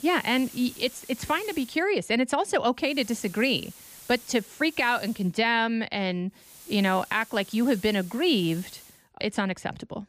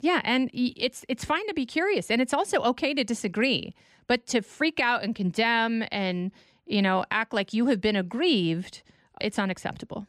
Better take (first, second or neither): second